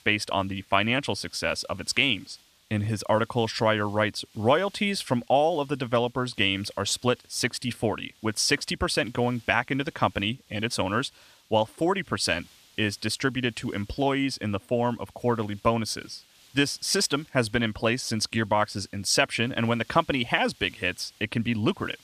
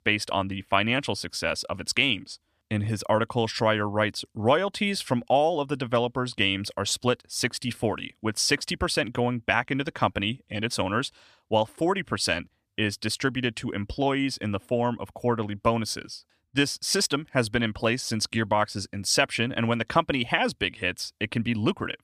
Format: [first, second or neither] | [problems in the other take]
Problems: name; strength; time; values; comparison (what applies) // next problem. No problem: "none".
second | hiss; faint; throughout; 30 dB below the speech